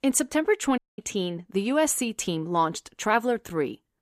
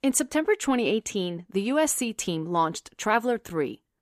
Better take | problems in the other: second | audio cutting out; at 1 s

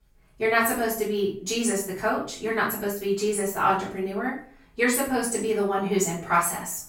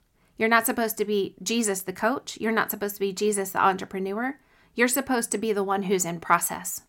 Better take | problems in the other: second | off-mic speech; far // room echo; noticeable; dies away in 0.4 s

